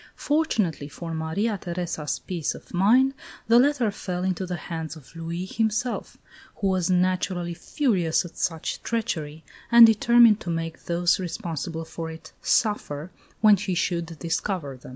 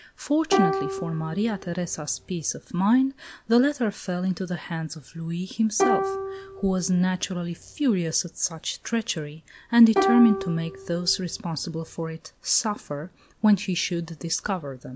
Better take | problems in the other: first | background sound (Plucked string instrument); 4 dB below the speech

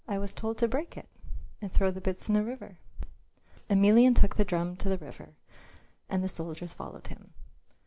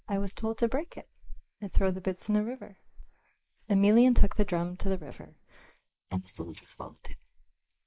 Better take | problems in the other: first | noise reduction (neural mask model Resemble Enhance denoiser)

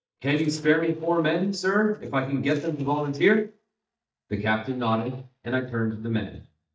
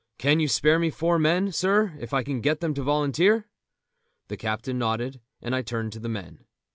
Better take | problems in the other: second | noise reduction (neural mask model DeepFilterNet 3)

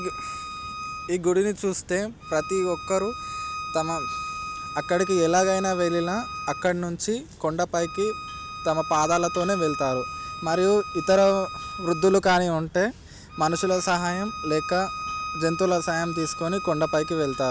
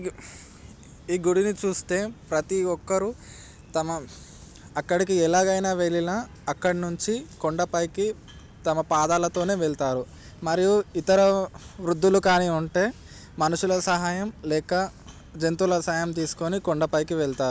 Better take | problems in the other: second | background sound (Bowed string instrument); 10 dB below the speech

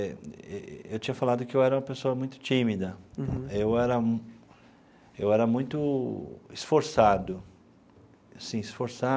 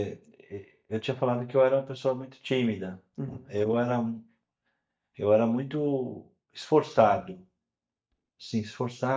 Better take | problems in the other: first | noise reduction (neural mask model DeepFilterNet 3)

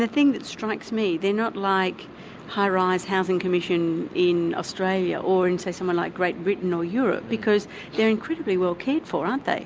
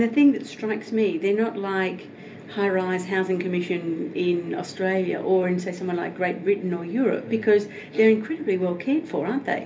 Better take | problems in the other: first | room echo; dies away in 0.3 s

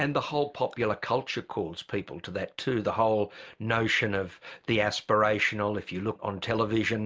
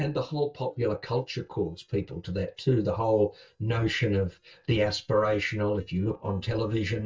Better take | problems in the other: first | noise reduction (neural mask model DeepFilterNet 3)

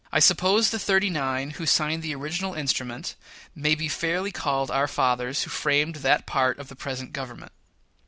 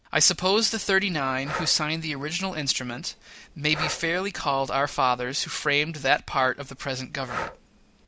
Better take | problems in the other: first | background sound (Breathing); 14 dB below the speech

